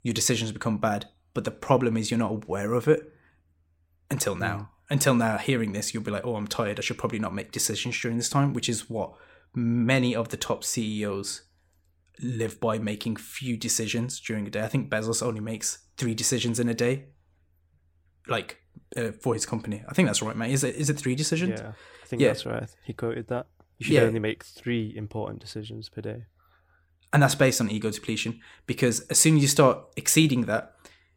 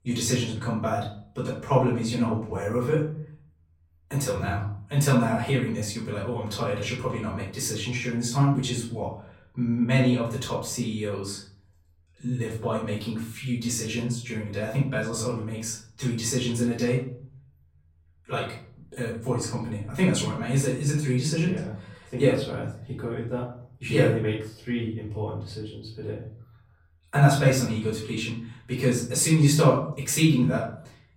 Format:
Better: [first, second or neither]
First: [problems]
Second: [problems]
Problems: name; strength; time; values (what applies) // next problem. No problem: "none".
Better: first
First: none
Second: off-mic speech; far // room echo; noticeable; dies away in 0.6 s